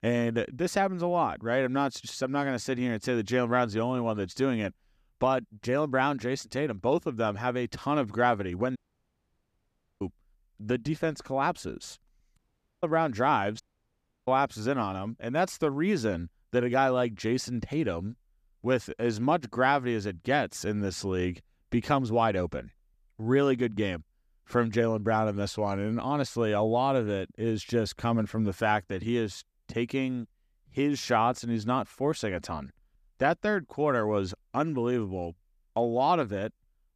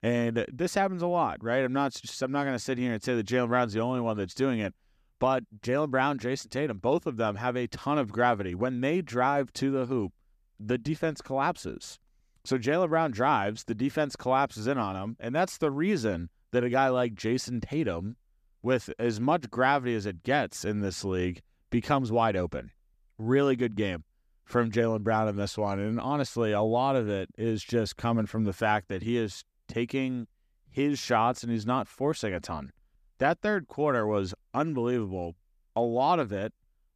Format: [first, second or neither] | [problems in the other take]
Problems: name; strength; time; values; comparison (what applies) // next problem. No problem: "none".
second | audio cutting out; at 9 s for 1 s, at 12 s and at 14 s for 0.5 s